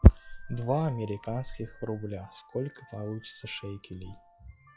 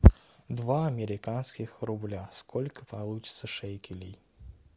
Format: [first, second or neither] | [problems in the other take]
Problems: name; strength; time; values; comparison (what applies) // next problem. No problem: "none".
second | noise reduction (classical method log-MMSE)